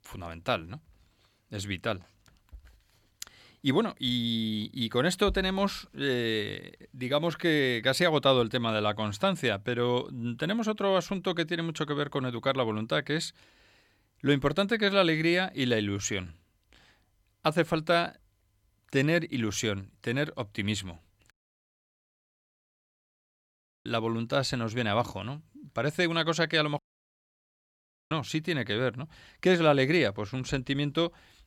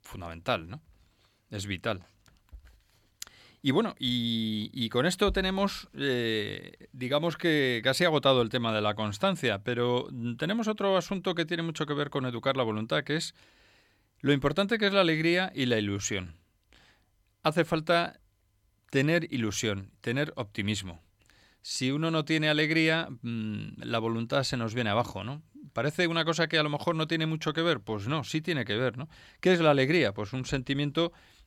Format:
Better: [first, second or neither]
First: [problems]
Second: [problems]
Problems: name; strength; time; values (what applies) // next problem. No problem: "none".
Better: second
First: audio cutting out; at 21 s for 2.5 s and at 27 s for 1.5 s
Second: none